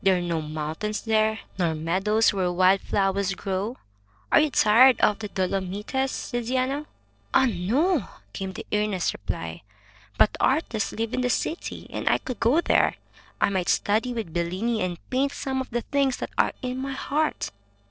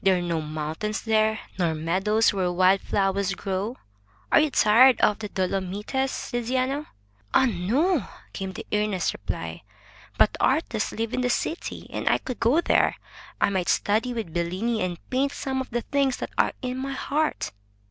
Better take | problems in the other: second | noise reduction (neural separator model SepFormer DNS4)

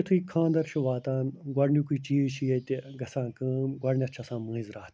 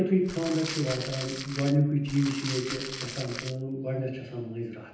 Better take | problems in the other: first | background sound (Crumpling, crinkling); 10 dB below the speech // room echo; dies away in 0.9 s

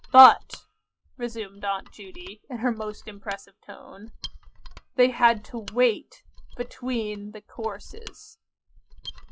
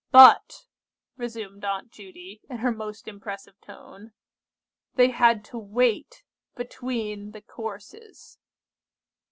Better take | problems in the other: second | noise reduction (classical method log-MMSE)

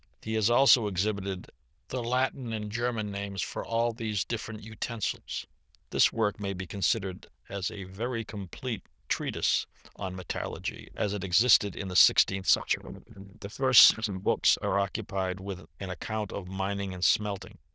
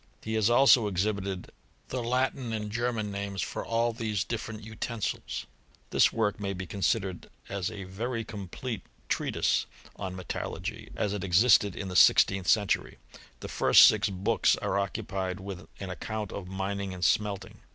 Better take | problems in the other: second | noise reduction (neural diffusion model UNIVERSE++)

